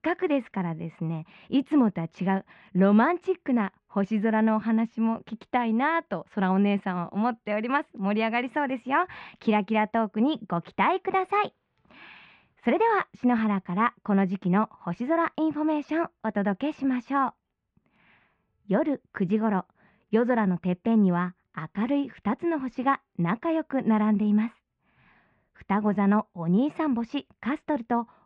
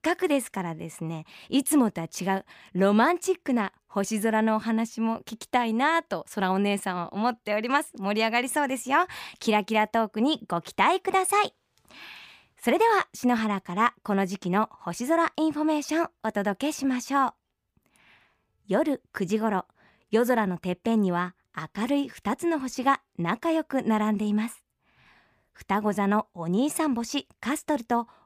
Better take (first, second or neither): second